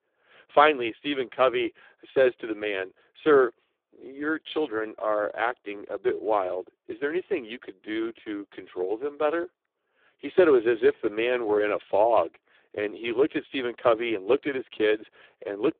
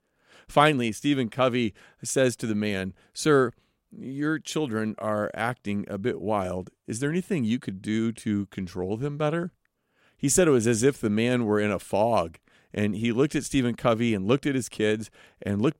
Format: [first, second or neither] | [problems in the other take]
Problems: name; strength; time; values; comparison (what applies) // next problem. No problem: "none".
second | phone-call audio; poor line; nothing above 3.5 kHz